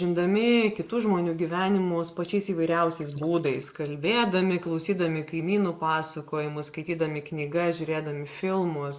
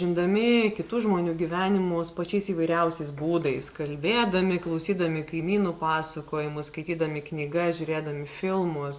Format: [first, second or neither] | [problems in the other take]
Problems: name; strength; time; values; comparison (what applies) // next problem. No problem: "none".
second | noise reduction (neural mask model Resemble Enhance denoiser)